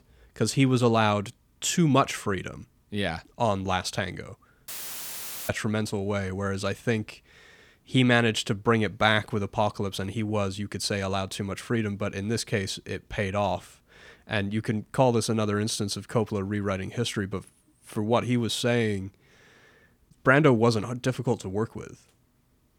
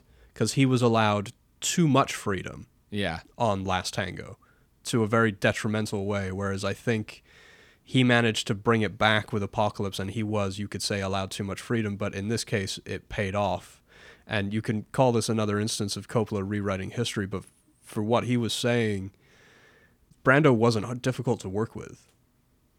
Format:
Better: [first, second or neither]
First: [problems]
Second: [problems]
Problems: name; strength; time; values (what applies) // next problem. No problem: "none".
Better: second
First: audio cutting out; filled with static; at 4.5 s for 1 s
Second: none